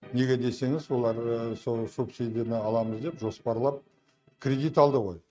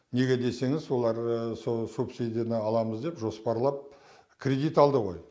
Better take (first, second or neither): second